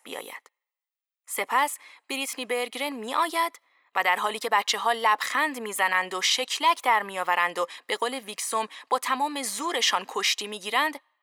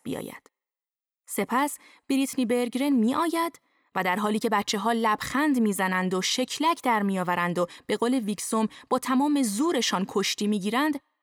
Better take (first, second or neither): second